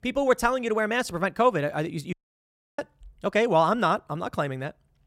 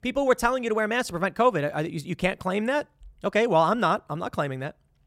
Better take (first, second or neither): second